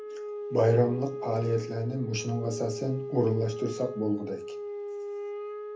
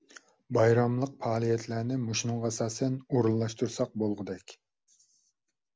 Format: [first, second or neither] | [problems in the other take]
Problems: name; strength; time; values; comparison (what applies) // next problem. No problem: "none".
second | background sound (Wind instrument, woodwind instrument); 7 dB below the speech // room echo; dies away in 0.3 s